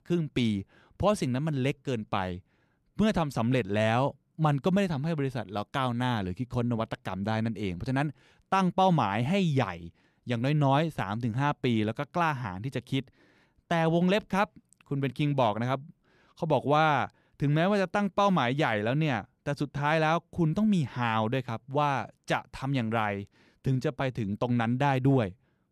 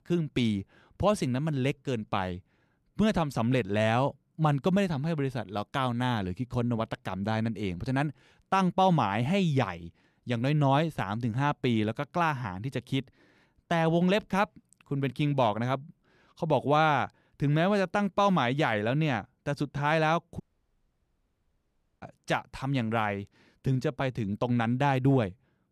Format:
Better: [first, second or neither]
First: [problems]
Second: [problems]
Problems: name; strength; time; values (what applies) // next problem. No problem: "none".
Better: first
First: none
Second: audio cutting out; at 20 s for 1.5 s